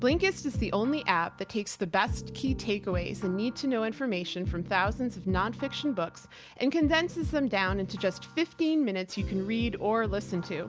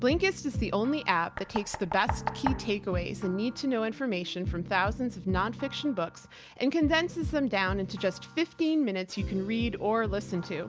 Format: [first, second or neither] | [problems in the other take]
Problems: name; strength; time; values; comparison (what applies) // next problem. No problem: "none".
first | background sound (Knock); 10 dB below the speech